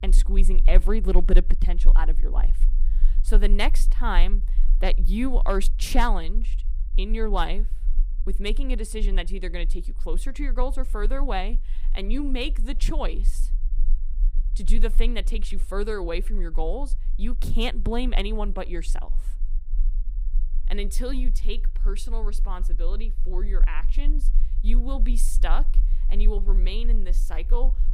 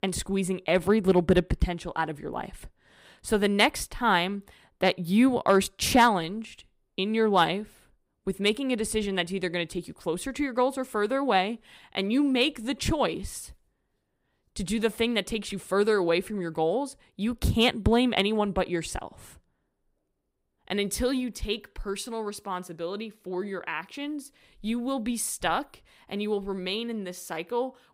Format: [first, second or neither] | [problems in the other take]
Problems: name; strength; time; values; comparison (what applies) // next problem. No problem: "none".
second | low rumble; faint; throughout; 20 dB below the speech